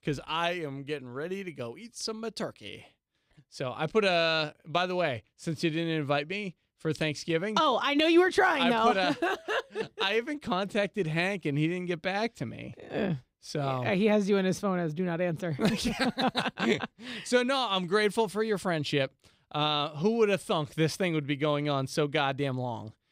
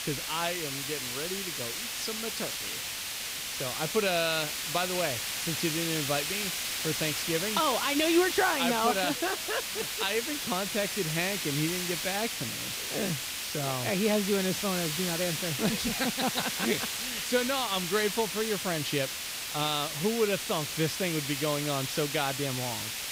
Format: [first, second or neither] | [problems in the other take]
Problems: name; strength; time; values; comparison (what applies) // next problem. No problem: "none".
first | hiss; loud; throughout; 1 dB below the speech